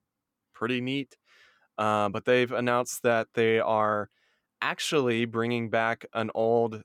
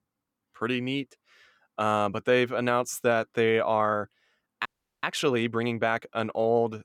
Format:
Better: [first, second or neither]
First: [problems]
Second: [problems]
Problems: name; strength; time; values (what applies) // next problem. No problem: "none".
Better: first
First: none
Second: audio freezing; at 4.5 s